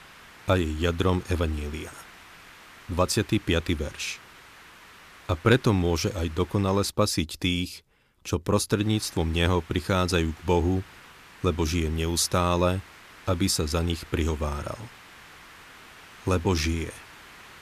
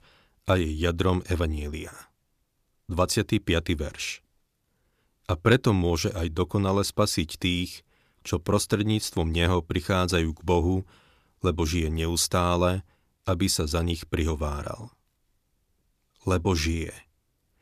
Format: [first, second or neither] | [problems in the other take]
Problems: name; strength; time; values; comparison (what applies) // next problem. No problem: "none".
second | hiss; faint; until 7 s and from 9 s on; 20 dB below the speech